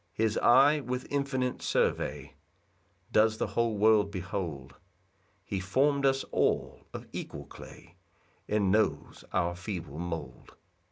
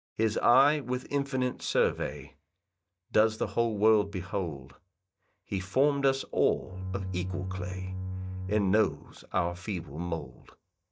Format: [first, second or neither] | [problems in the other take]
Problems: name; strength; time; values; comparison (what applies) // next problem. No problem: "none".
first | noise reduction (neural mask model DeepFilterNet 3)